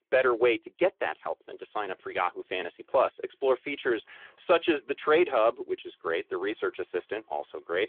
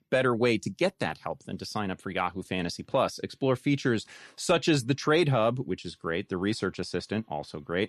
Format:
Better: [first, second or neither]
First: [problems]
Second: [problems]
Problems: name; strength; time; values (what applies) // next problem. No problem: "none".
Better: second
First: phone-call audio; nothing above 3.5 kHz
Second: none